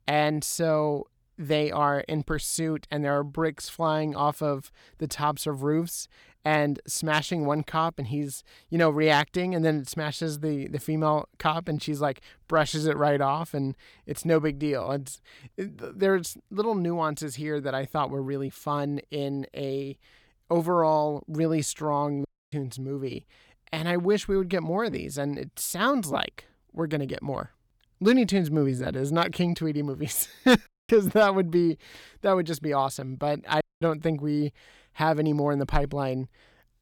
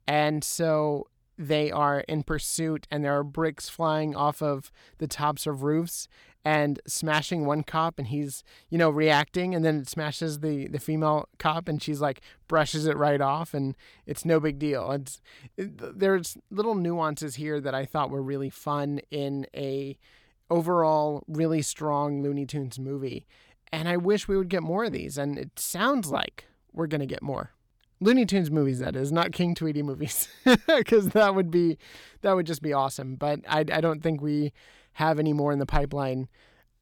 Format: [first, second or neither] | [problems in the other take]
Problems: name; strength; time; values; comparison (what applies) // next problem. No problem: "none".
second | audio cutting out; at 22 s, at 31 s and at 34 s